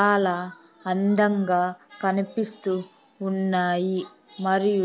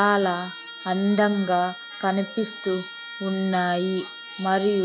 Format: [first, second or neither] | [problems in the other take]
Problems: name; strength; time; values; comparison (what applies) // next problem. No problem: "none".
first | background sound (Trumpet); 14 dB below the speech